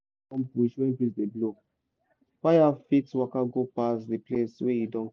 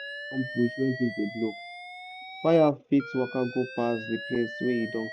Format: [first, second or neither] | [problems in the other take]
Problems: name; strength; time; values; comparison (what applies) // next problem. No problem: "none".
first | background sound (Alarm); 12 dB below the speech